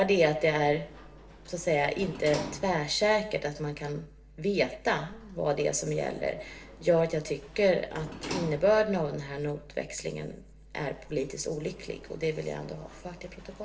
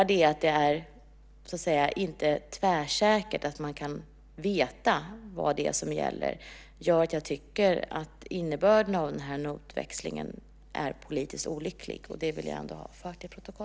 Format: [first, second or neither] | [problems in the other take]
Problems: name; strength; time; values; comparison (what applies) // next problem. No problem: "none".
second | background sound (Sliding door); 17 dB below the speech // room echo; dies away in 0.6 s